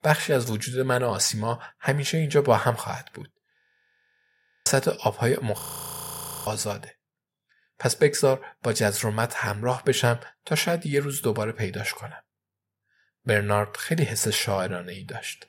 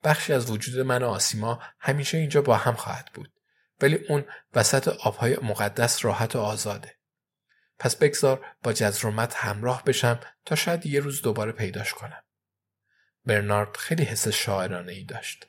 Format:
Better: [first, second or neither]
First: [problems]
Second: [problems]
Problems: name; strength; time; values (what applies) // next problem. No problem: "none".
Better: second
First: audio freezing; at 3.5 s for 1 s and at 5.5 s for 1 s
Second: none